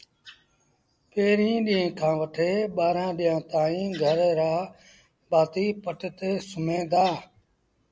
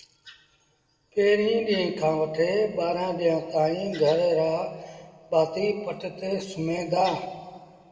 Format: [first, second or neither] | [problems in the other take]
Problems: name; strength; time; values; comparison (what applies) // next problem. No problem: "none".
first | room echo; dies away in 1.8 s